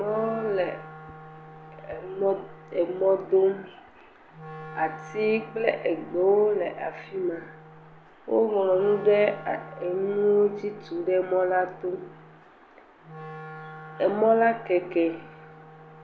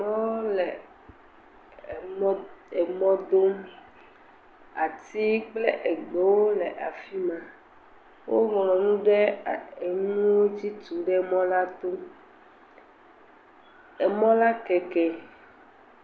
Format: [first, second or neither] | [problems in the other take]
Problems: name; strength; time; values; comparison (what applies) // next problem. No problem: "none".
second | background sound (Wind instrument, woodwind instrument); 18 dB below the speech